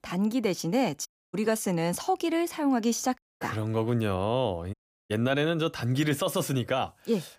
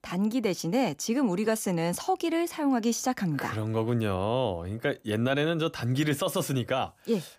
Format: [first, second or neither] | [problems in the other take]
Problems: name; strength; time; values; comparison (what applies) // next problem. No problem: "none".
second | audio cutting out; at 1 s, at 3 s and at 4.5 s